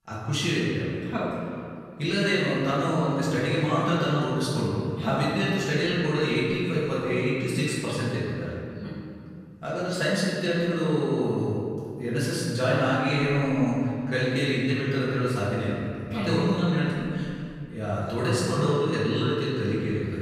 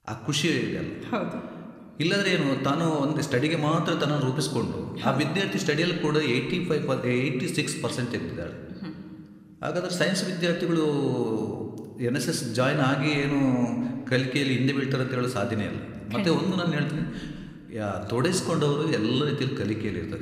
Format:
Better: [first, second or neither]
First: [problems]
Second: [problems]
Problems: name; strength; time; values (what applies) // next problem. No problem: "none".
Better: second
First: room echo; strong; dies away in 2.3 s // off-mic speech; far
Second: room echo; slight; dies away in 1.4 s